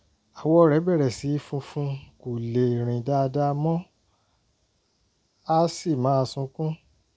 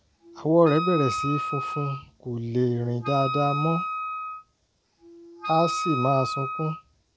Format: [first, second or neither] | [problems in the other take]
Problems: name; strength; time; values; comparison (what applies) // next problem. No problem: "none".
first | background sound (Wind instrument, woodwind instrument); 5 dB below the speech